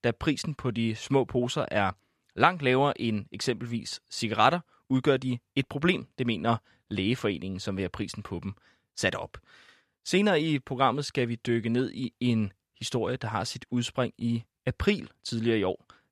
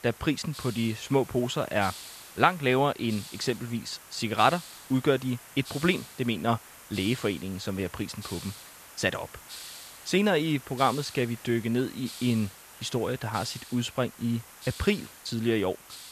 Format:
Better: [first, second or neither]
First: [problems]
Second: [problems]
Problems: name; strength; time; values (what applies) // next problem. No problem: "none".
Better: first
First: none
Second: hiss; noticeable; throughout; 15 dB below the speech